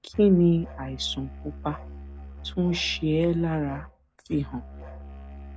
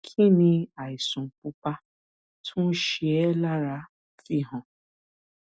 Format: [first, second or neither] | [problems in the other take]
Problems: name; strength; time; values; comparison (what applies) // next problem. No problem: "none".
second | background sound (Musical instrument); 14 dB below the speech